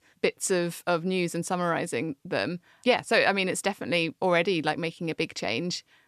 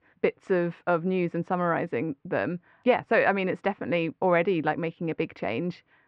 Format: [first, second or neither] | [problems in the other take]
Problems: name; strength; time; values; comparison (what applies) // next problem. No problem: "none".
first | muffled; very; fading above 2 kHz